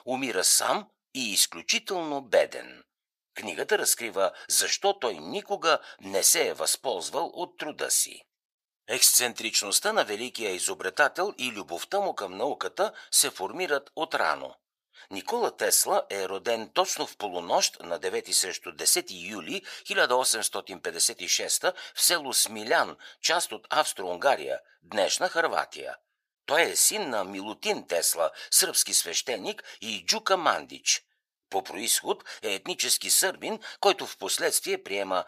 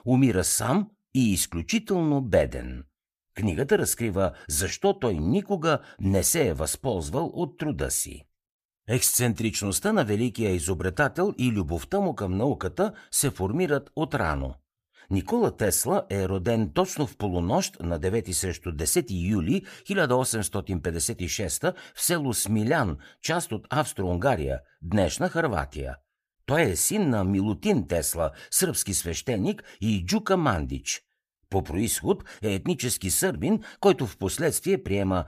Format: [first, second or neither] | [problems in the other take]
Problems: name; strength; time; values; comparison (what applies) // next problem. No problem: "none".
second | thin; very; fading below 650 Hz